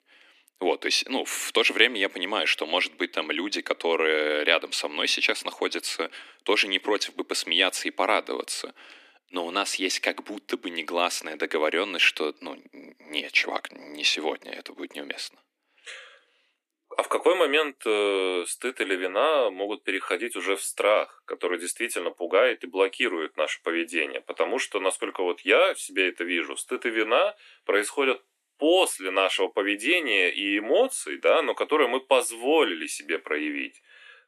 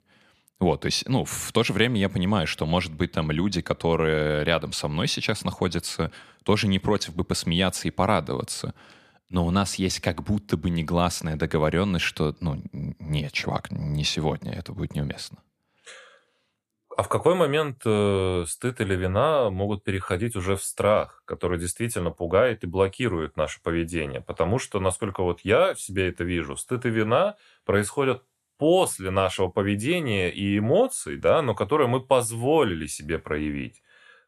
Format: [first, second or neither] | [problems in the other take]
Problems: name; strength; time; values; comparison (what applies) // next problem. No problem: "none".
second | thin; somewhat; fading below 300 Hz